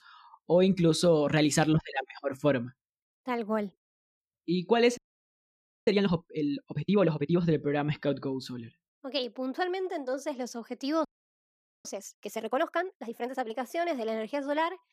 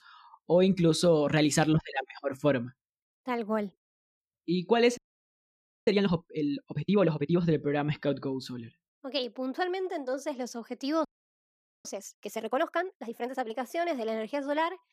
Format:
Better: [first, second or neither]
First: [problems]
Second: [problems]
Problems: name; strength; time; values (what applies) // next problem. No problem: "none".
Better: neither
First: audio freezing; at 5 s for 1 s and at 11 s for 1 s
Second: audio freezing; at 5 s for 1 s and at 11 s for 1 s